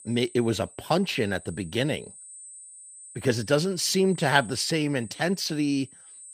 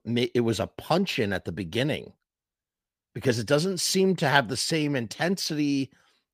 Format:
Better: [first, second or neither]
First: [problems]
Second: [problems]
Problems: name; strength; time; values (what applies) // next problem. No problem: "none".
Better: second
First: high-pitched whine; noticeable; throughout; 8.5 kHz, 20 dB below the speech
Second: none